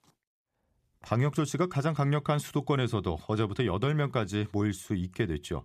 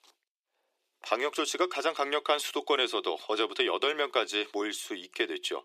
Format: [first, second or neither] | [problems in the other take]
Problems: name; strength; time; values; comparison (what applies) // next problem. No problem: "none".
first | thin; very; fading below 350 Hz